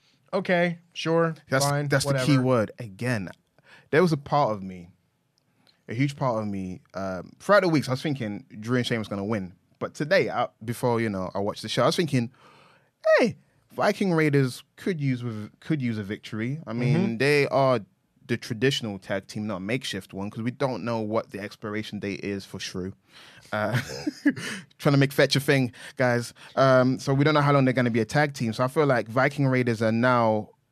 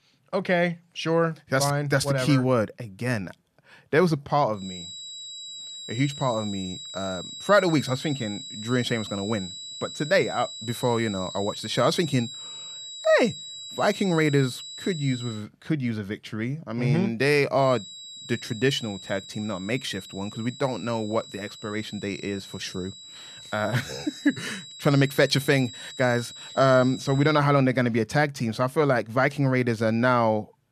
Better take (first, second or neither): first